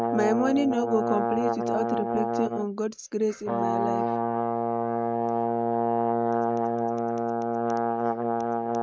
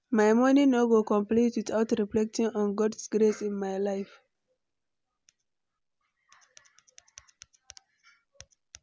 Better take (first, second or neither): second